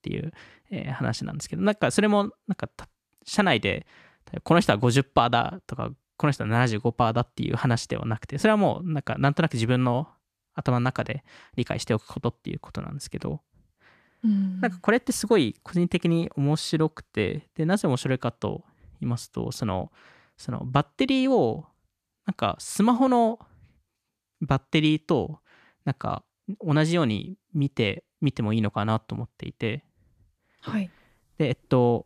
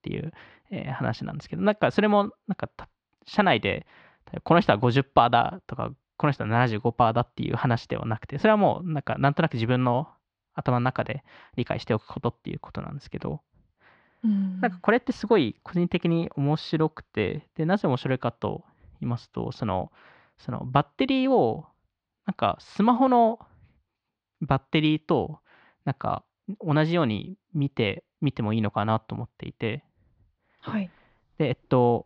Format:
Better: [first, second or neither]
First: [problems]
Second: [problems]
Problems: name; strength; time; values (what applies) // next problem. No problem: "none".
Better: first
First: none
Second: muffled; slightly; fading above 4 kHz